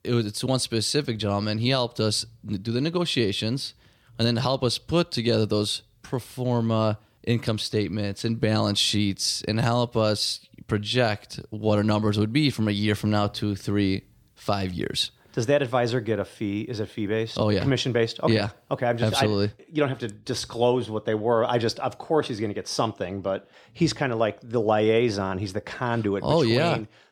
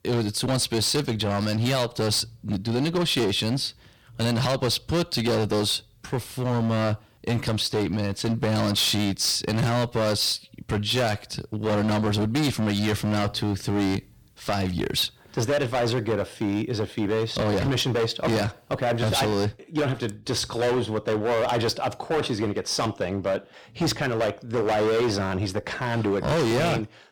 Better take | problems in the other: first | distortion; heavy; 18% of the sound clipped

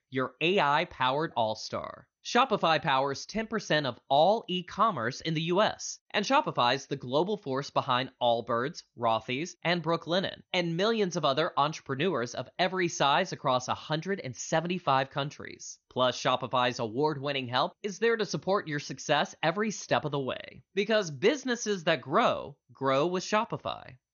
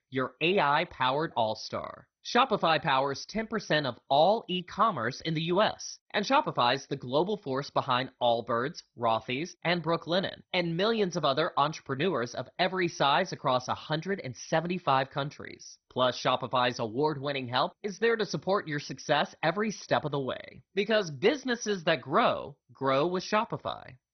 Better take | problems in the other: first | garbled, watery; badly; nothing above 6 kHz; slightly in the first

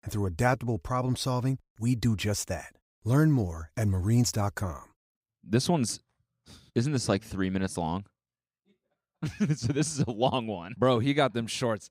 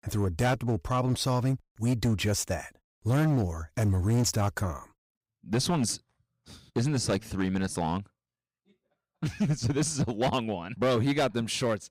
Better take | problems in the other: first | distortion; slight; 8% of the sound clipped

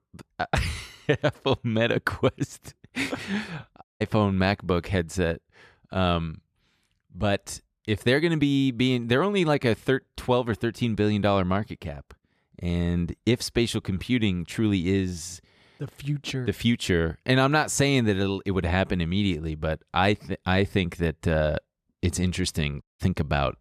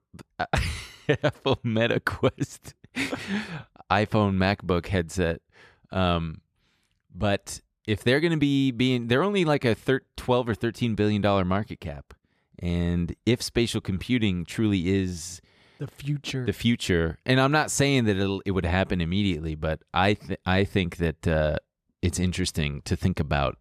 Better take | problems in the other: second | audio cutting out; at 4 s and at 23 s

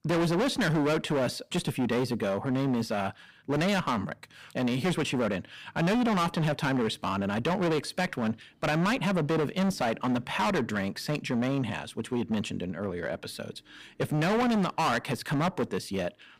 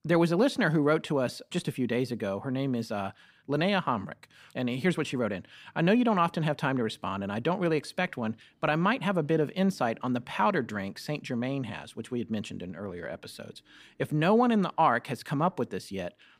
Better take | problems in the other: second | distortion; heavy; 20% of the sound clipped

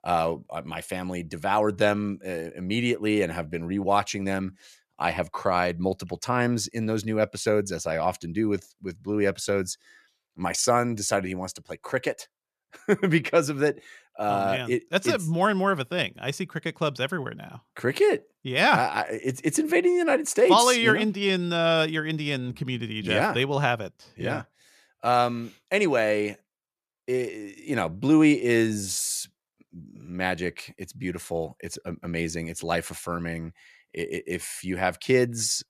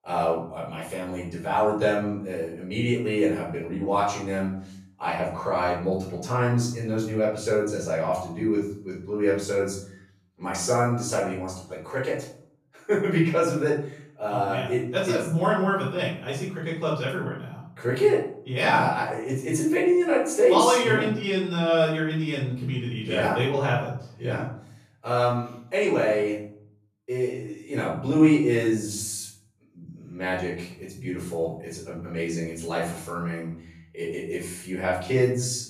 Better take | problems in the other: first | off-mic speech; far // room echo; noticeable; dies away in 0.6 s

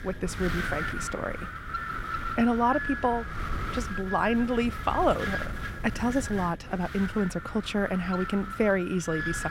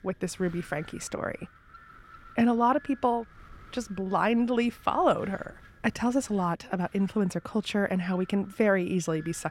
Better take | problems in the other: second | wind noise on the microphone; heavy; 4 dB below the speech; occasional gusts in the second

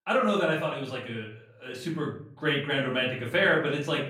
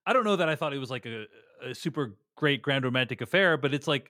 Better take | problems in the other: second | room echo; slight; dies away in 0.5 s // off-mic speech; far

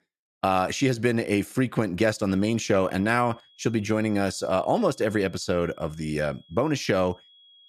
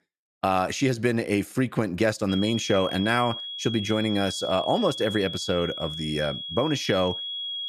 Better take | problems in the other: first | high-pitched whine; loud; from 2.5 s on; 3.5 kHz, 6 dB below the speech; faint in the first

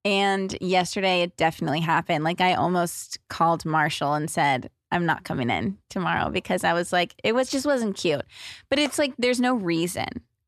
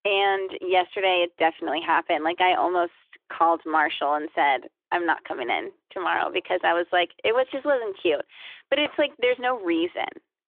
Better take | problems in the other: first | phone-call audio; nothing above 3.5 kHz

